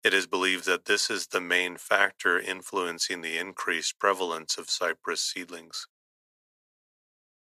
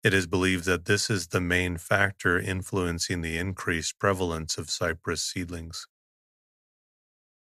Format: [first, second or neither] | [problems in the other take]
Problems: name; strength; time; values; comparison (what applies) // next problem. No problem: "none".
second | thin; somewhat; fading below 350 Hz